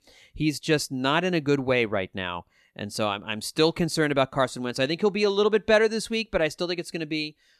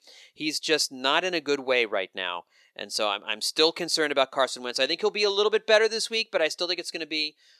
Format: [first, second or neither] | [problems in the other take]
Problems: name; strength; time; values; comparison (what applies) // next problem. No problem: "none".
first | thin; somewhat; fading below 450 Hz